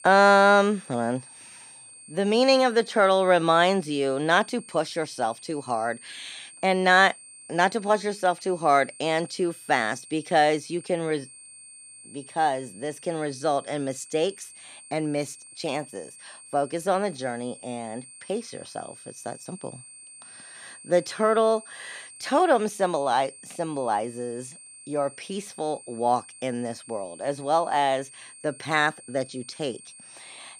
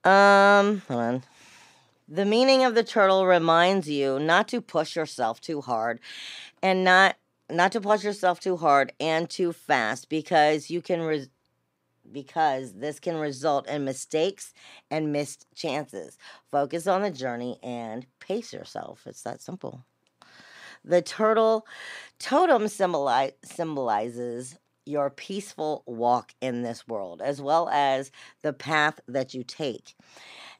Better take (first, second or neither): second